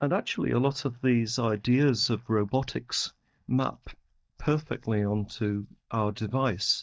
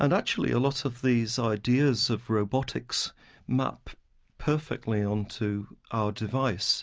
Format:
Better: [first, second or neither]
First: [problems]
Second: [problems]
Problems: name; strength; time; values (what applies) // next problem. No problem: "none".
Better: second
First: noise reduction (neural mask model DeepFilterNet 3)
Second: none